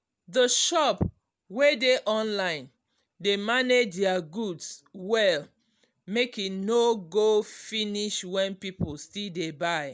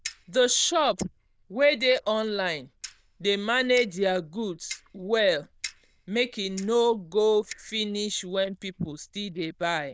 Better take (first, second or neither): first